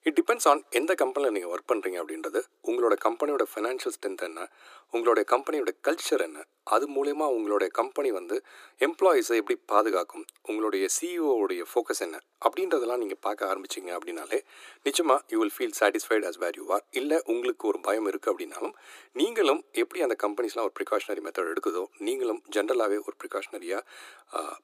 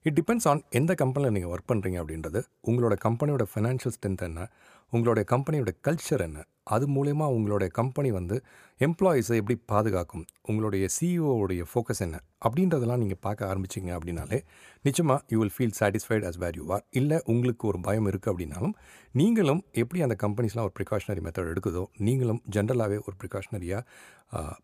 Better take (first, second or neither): second